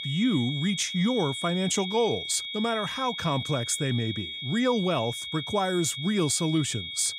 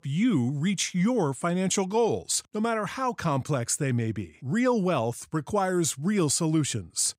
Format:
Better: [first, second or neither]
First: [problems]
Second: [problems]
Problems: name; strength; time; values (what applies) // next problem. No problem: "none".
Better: second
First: high-pitched whine; loud; throughout; 3.5 kHz, 6 dB below the speech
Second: none